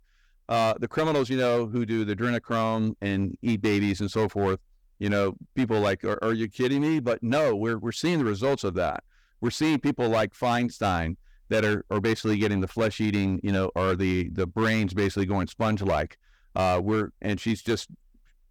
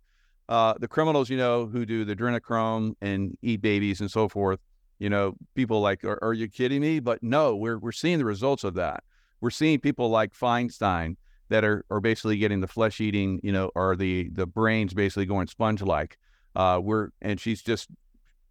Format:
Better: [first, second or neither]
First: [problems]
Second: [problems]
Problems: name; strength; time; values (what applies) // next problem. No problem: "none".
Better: second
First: distortion; slight; 9% of the sound clipped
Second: none